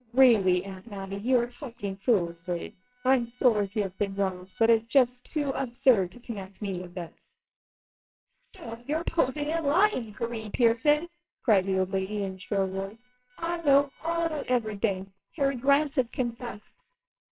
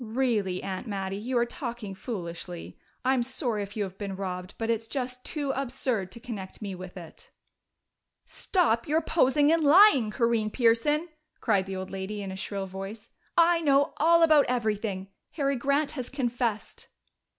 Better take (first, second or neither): second